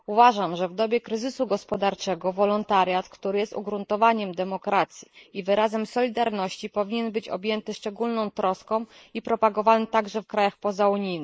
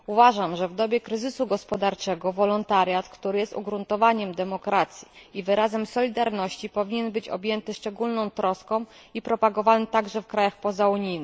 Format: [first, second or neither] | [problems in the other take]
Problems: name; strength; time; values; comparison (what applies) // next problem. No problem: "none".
second | noise reduction (neural mask model Resemble Enhance denoiser)